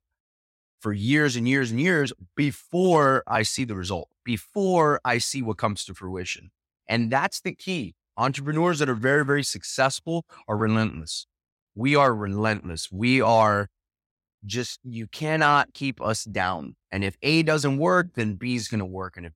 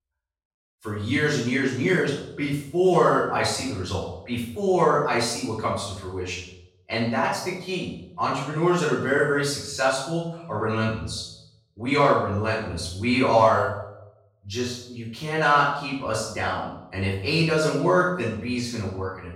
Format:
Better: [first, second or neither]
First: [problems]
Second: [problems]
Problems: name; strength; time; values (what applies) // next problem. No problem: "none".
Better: first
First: none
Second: room echo; noticeable; dies away in 0.6 s // off-mic speech; far